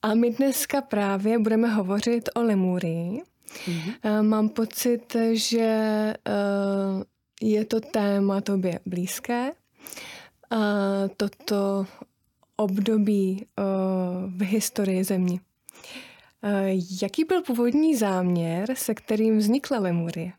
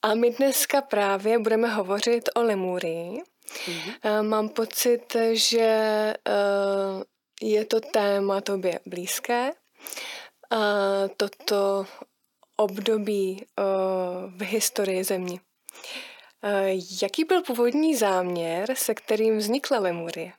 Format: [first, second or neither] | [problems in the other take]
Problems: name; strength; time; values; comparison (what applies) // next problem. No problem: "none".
first | thin; somewhat; fading below 450 Hz